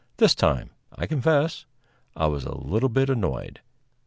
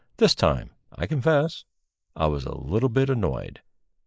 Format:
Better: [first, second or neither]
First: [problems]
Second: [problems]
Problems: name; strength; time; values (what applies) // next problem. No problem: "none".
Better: first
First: none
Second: noise reduction (neural mask model Resemble Enhance denoiser)